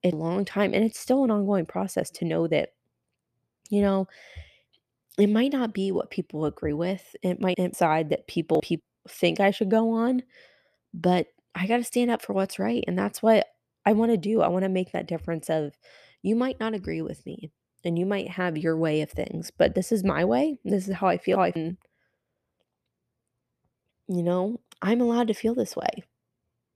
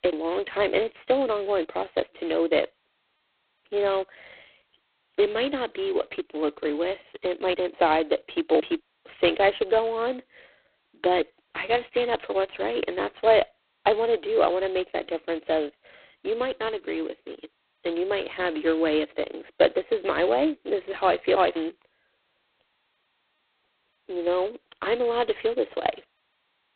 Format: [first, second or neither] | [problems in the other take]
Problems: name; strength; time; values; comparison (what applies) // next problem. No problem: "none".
first | phone-call audio; poor line; nothing above 4 kHz